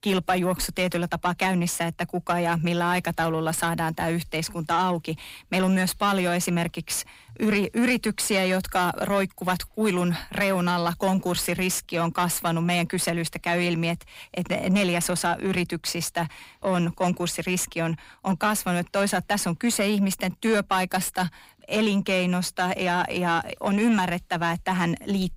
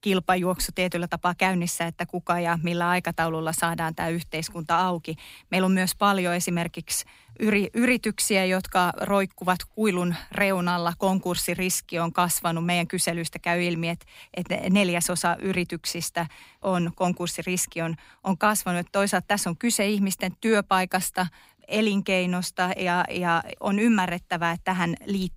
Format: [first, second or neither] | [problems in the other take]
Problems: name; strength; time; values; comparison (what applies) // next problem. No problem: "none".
second | distortion; slight; 10 dB below the speech